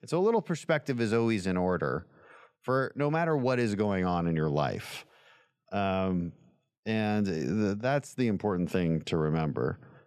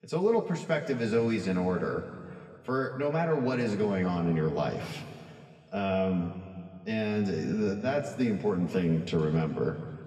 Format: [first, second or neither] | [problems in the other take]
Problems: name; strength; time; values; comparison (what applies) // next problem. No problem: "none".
first | room echo; slight; dies away in 2 s // off-mic speech; somewhat distant